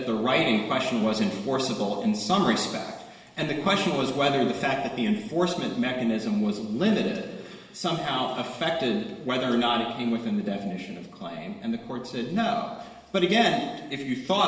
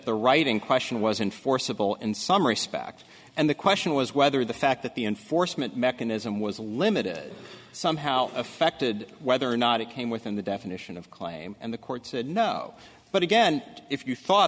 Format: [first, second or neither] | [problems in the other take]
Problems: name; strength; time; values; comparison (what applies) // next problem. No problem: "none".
second | room echo; dies away in 1.1 s